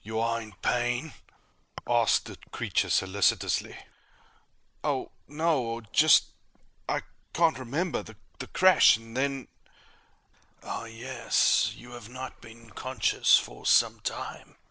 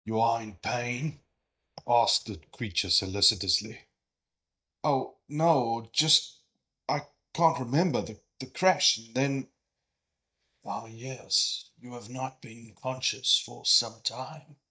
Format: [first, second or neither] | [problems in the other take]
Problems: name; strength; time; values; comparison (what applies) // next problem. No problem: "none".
first | noise reduction (neural mask model DeepFilterNet 3)